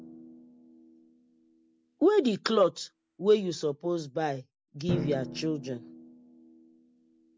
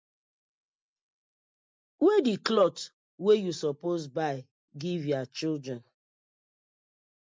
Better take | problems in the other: second | background sound (Drum); 12 dB below the speech

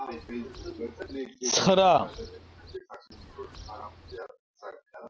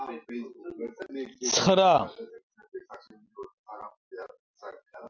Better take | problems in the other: second | background sound (Bird); 18 dB below the speech

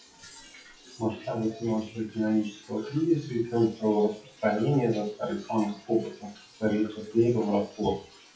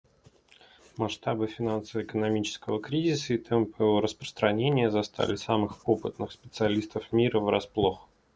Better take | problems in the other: second | noise reduction (classical method WPE with log-MMSE)

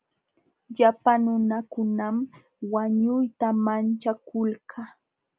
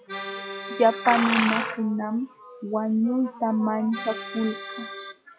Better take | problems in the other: first | noise reduction (classical method log-MMSE)

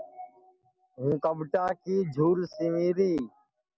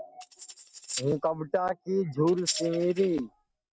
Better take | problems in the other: first | noise reduction (neural mask model RNNoise)

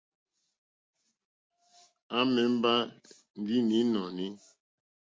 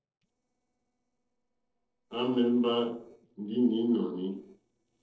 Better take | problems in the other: first | noise reduction (neural separator model SepFormer DNS4)

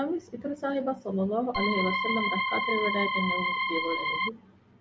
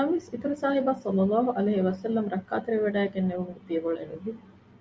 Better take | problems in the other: second | background sound (Organ); 3 dB above the speech

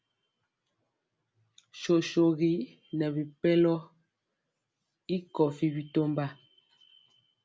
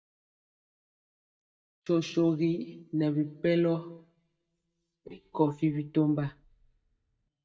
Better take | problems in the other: first | noise reduction (neural mask model DeepFilterNet 3)

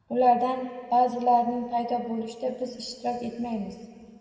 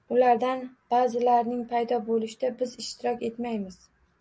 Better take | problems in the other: second | room echo; dies away in 2.2 s

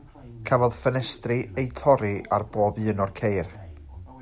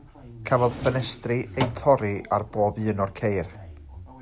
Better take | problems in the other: first | background sound (Drawer open or close); 8 dB below the speech

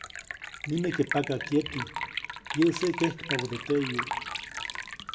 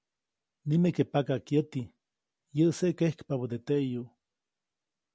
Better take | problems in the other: second | background sound (Liquid); 6 dB below the speech // room echo; dies away in 0.9 s

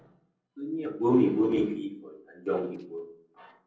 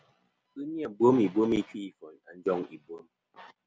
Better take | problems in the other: second | noise reduction (neural separator model SepFormer DNS4)

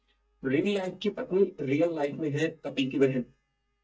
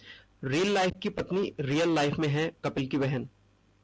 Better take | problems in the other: second | noise reduction (neural mask model DeepFilterNet 3)

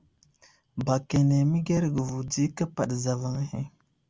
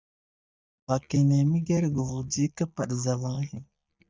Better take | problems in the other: first | noise reduction (neural mask model DeepFilterNet 3)

